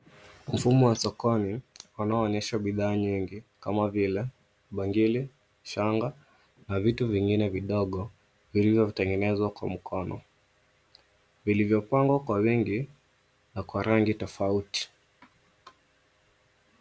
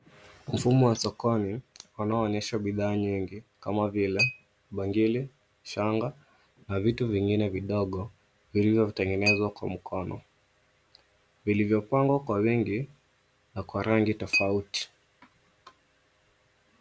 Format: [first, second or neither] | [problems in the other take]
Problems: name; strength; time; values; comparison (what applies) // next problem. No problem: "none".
first | background sound (Chink, clink); 12 dB below the speech